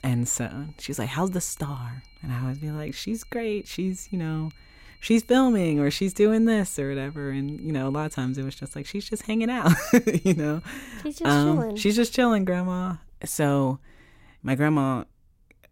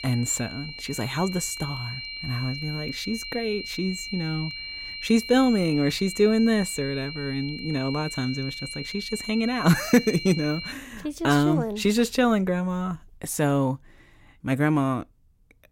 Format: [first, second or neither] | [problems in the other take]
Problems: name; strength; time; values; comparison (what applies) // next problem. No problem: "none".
first | high-pitched whine; loud; until 11 s; 2.5 kHz, 9 dB below the speech; faint in the first